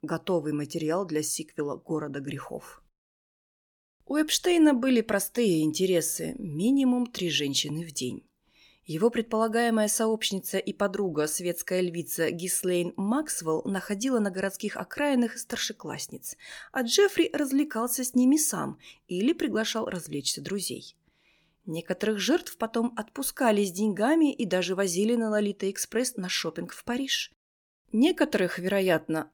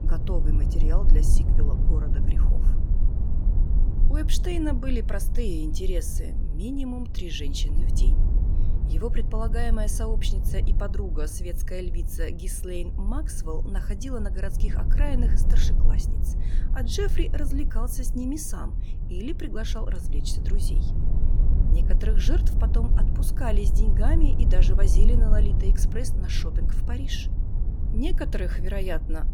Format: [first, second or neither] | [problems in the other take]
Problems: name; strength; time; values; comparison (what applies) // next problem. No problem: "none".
first | low rumble; loud; throughout; 7 dB below the speech